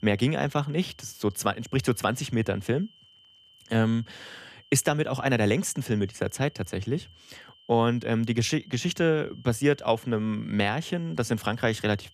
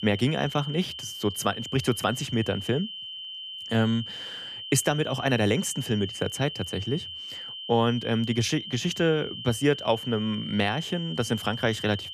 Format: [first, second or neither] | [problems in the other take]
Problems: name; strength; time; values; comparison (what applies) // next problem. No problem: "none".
first | high-pitched whine; loud; throughout; 3 kHz, 8 dB below the speech; faint in the first